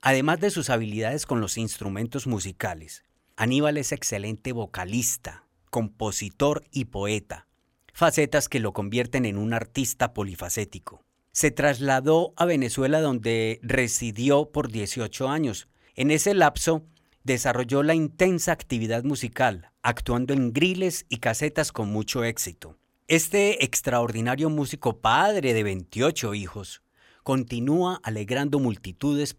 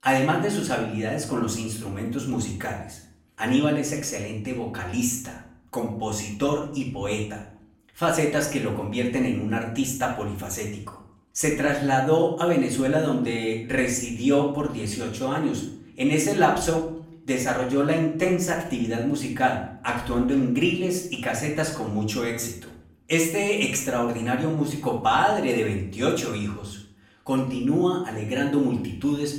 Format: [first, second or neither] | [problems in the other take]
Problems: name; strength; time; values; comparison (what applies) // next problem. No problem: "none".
first | room echo; noticeable; dies away in 0.5 s // off-mic speech; far